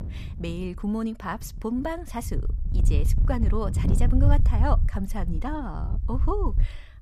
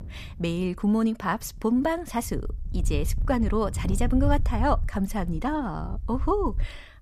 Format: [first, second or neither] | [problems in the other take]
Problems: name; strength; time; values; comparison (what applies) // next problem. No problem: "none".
second | wind noise on the microphone; heavy; 9 dB below the speech; occasional gusts in the second